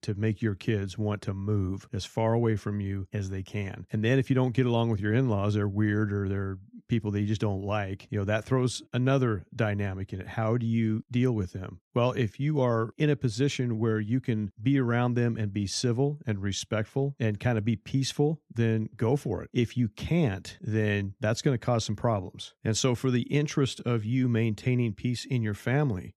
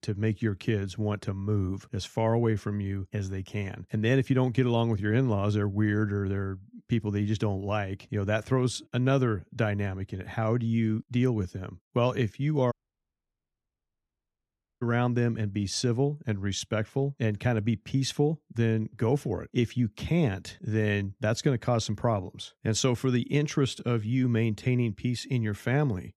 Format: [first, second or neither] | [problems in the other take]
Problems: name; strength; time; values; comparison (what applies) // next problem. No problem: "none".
first | audio cutting out; at 13 s for 2 s